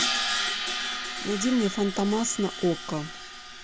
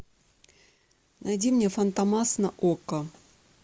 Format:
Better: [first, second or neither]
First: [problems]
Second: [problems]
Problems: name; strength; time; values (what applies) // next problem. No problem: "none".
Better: second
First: background sound (Crash cymbal); 3 dB below the speech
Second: none